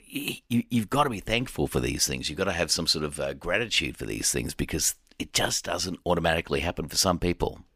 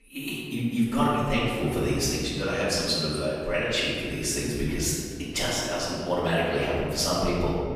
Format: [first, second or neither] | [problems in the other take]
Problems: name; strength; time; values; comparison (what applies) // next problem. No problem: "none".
first | room echo; strong; dies away in 2 s // off-mic speech; far